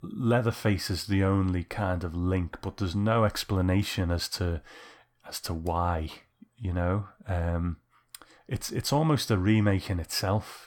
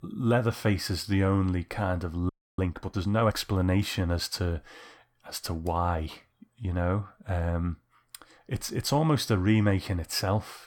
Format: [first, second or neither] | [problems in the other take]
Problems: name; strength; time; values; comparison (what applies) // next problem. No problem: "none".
first | audio freezing; at 2.5 s